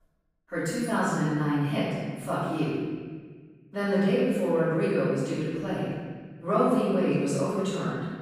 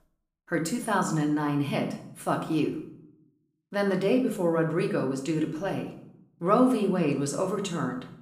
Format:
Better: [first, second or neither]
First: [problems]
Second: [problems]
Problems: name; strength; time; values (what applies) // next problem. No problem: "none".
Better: second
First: room echo; strong; dies away in 1.5 s // off-mic speech; far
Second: room echo; slight; dies away in 0.6 s // off-mic speech; somewhat distant